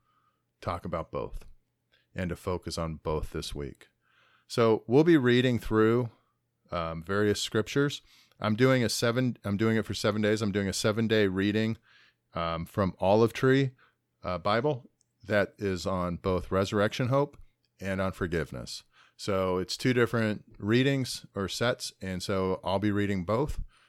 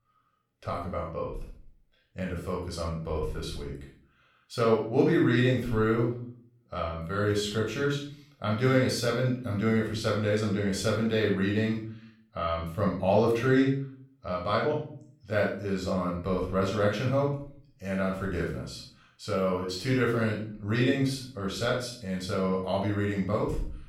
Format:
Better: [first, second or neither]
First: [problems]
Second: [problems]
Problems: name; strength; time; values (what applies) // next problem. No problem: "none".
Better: first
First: none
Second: off-mic speech; far // room echo; noticeable; dies away in 0.4 s